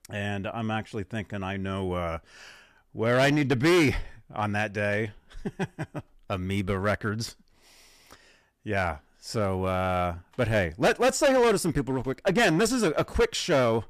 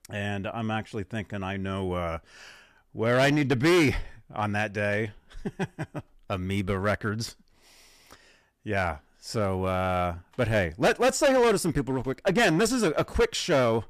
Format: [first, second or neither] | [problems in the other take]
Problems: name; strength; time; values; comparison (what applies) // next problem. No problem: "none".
neither | distortion; heavy; 6% of the sound clipped; the same in both